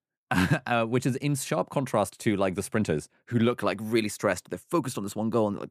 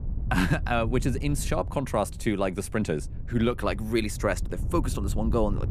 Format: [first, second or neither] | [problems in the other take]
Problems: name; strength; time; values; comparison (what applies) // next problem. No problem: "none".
first | wind noise on the microphone; occasional gusts; 20 dB below the speech